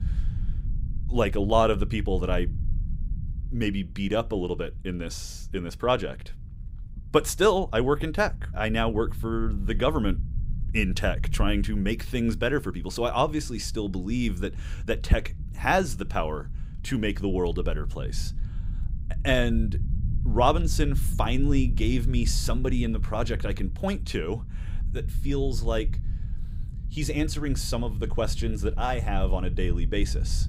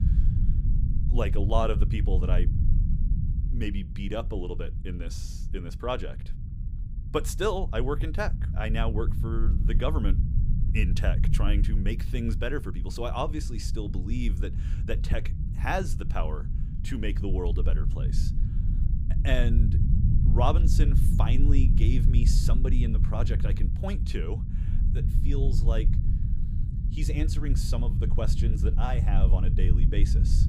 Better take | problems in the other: first | low rumble; loud; throughout; 8 dB below the speech; faint in the first

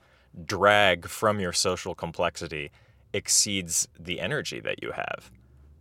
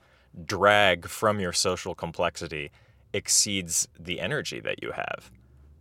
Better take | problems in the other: neither | none

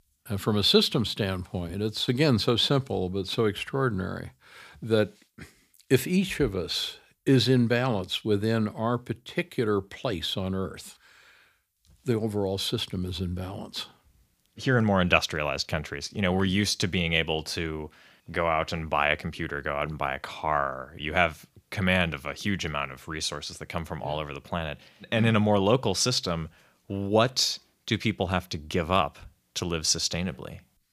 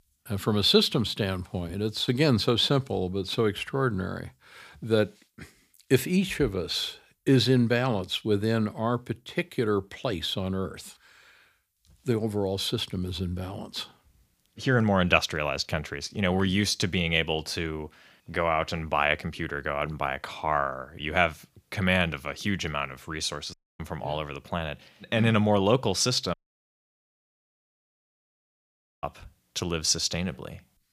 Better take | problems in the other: first | audio cutting out; at 24 s and at 26 s for 2.5 s

